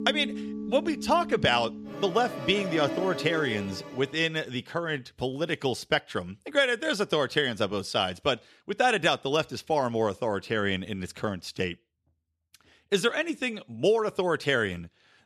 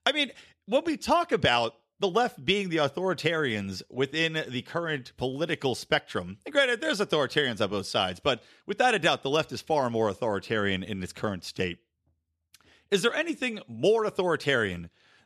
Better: second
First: background music; loud; until 4 s; 9 dB below the speech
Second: none

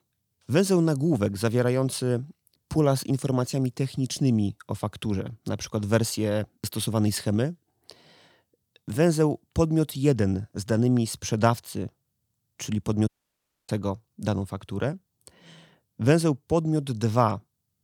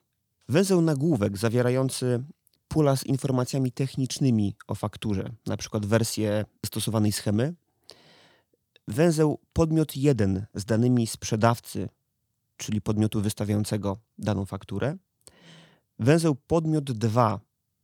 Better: second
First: audio cutting out; at 13 s for 0.5 s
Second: none

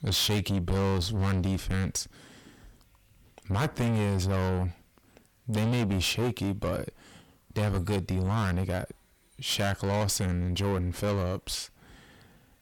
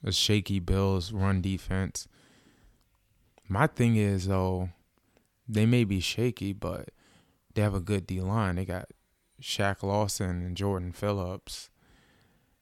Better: second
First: distortion; heavy; 6 dB below the speech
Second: none

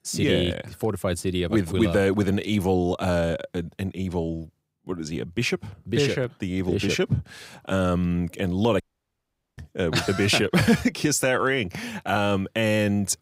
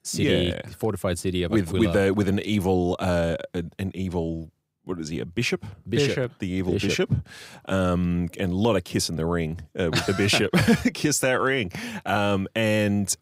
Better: second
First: audio cutting out; at 9 s for 1 s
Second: none

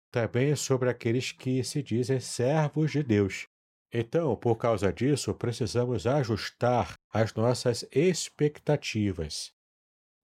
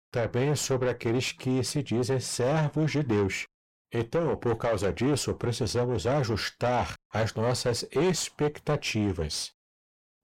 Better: first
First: none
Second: distortion; heavy; 6 dB below the speech

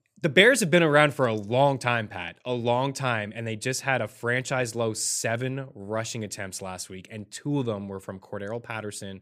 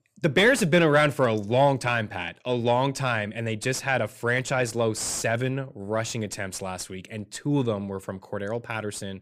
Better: first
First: none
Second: distortion; slight; 10 dB below the speech

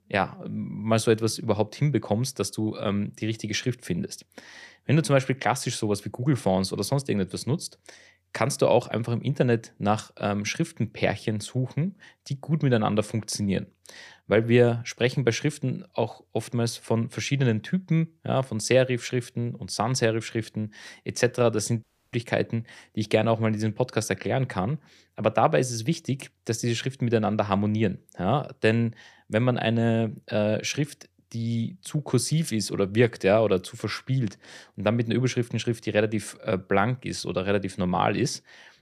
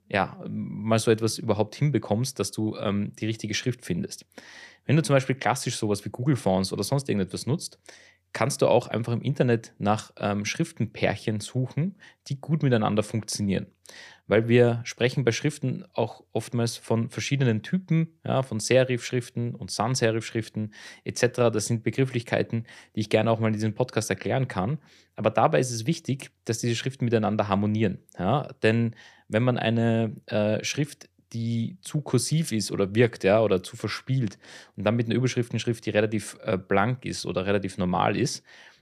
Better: second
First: audio cutting out; at 22 s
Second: none

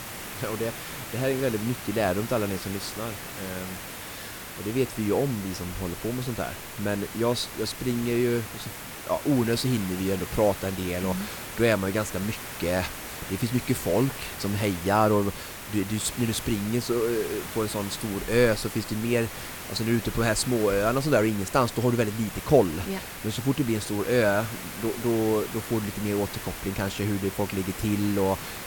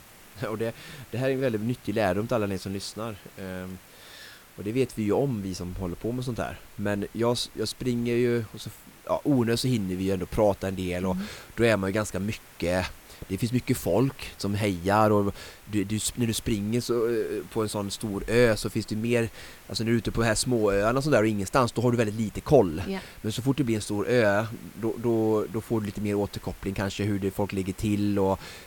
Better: second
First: hiss; loud; throughout; 9 dB below the speech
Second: hiss; faint; throughout; 25 dB below the speech

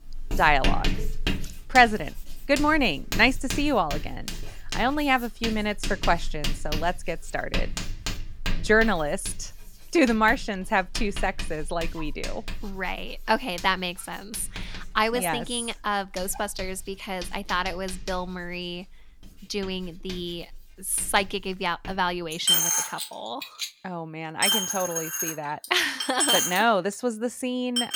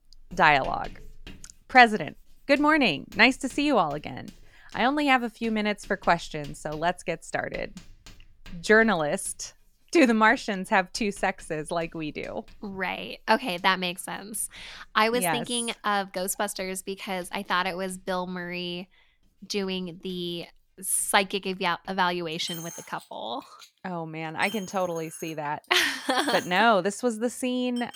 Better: second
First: household noises; loud; throughout; 4 dB below the speech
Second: household noises; faint; throughout; 25 dB below the speech

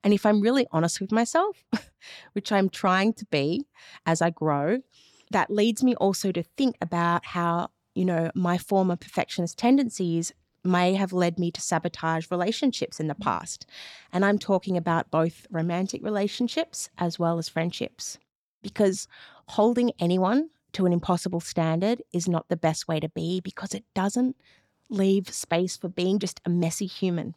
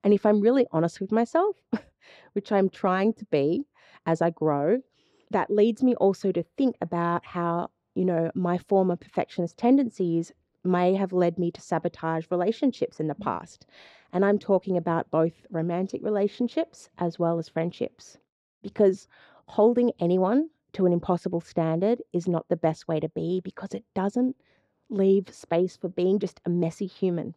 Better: first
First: none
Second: muffled; slightly; fading above 1.5 kHz

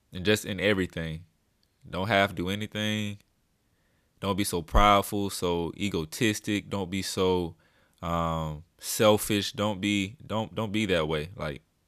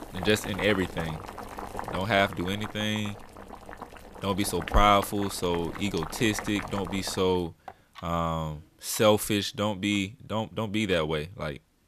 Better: first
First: none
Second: household noises; noticeable; throughout; 10 dB below the speech

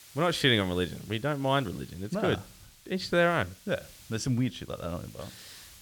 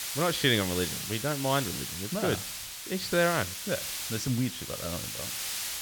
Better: first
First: hiss; faint; throughout; 20 dB below the speech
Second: hiss; loud; throughout; 4 dB below the speech

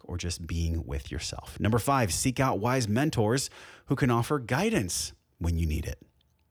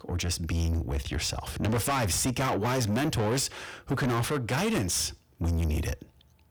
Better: first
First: none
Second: distortion; heavy; 6 dB below the speech

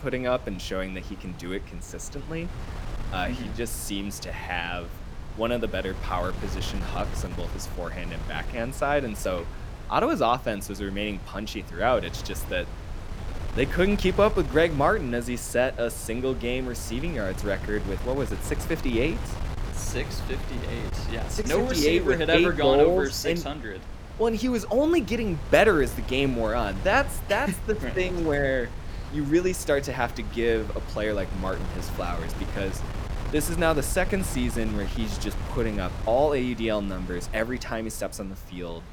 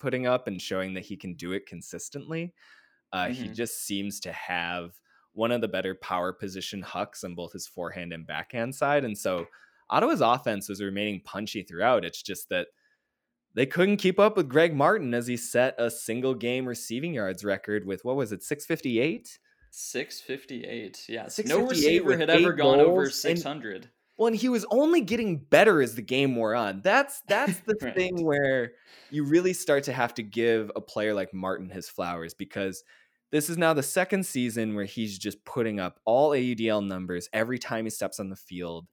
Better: second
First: wind noise on the microphone; occasional gusts; 15 dB below the speech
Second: none

